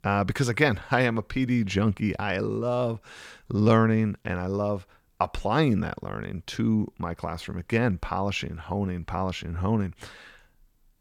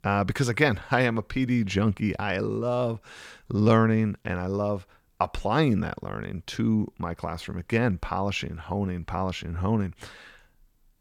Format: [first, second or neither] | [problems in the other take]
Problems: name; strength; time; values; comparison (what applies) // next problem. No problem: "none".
neither | none